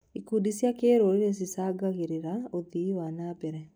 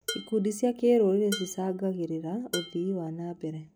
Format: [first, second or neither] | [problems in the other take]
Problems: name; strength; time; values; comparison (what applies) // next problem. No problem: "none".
first | background sound (Dishes, pots, and pans); 13 dB below the speech